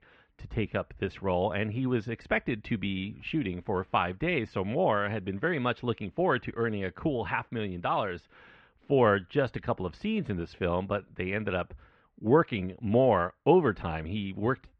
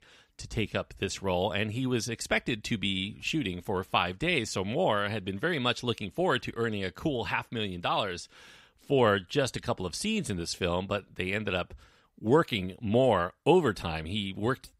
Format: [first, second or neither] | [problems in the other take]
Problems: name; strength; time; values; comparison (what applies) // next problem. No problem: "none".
second | muffled; very; fading above 2.5 kHz